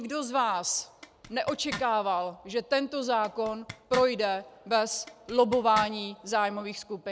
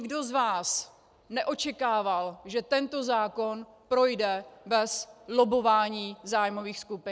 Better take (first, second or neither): second